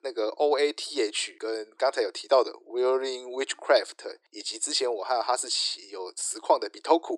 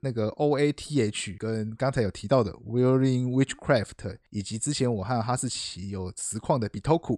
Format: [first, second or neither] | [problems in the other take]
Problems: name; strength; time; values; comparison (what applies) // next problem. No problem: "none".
second | thin; very; fading below 300 Hz